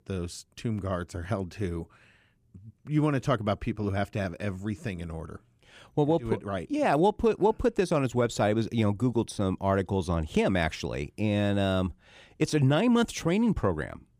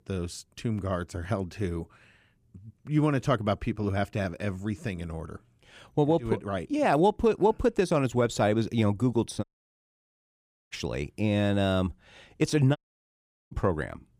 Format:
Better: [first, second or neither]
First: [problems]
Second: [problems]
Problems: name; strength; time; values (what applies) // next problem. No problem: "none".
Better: first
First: none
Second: audio cutting out; at 9.5 s for 1.5 s and at 13 s for 1 s